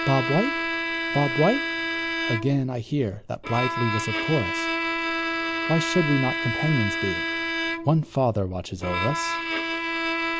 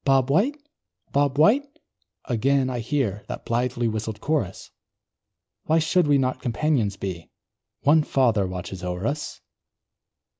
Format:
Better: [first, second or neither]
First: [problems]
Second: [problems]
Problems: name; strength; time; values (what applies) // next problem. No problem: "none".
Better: second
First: background sound (Bowed string instrument); 1 dB below the speech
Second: none